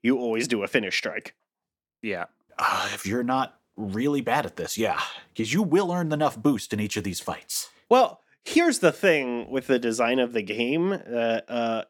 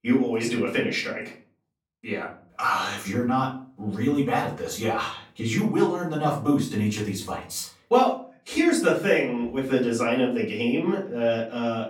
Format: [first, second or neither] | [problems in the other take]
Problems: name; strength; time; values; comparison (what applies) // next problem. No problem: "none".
first | off-mic speech; far // room echo; slight; dies away in 0.4 s